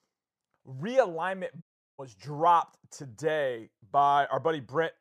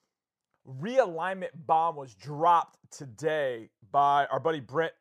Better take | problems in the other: second | audio cutting out; at 1.5 s

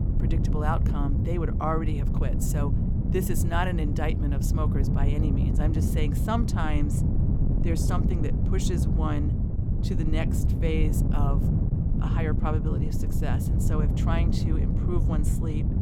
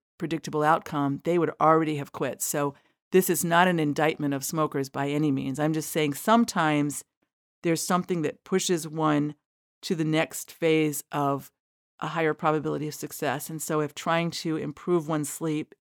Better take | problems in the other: second | wind noise on the microphone; heavy; 3 dB below the speech

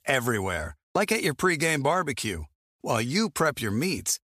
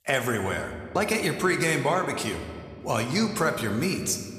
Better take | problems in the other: first | room echo; slight; dies away in 1.5 s

